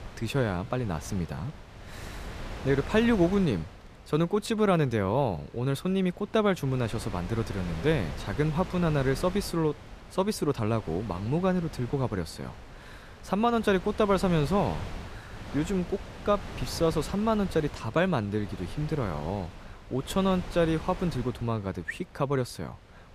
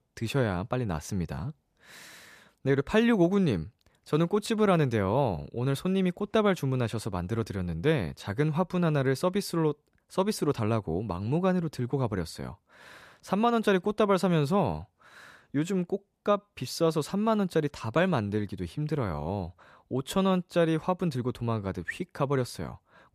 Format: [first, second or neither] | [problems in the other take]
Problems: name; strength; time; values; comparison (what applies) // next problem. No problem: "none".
second | wind noise on the microphone; occasional gusts; 15 dB below the speech